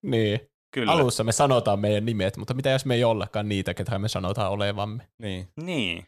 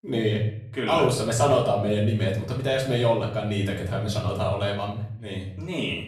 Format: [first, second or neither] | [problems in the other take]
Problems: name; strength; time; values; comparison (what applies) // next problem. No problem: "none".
first | room echo; slight; dies away in 0.7 s // off-mic speech; far